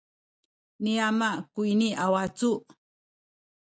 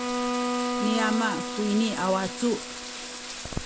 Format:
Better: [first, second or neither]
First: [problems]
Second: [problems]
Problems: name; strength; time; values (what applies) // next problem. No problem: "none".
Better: first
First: none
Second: background sound (Bowed string instrument + Bathtub (filling or washing)); 2 dB below the speech